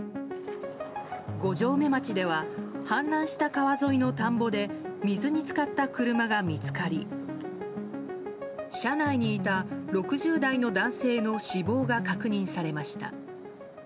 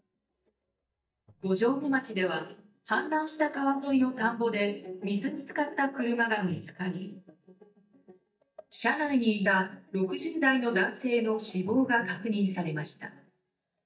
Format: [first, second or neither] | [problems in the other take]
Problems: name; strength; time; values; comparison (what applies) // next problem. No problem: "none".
first | noise reduction (neural mask model DeepFilterNet 3)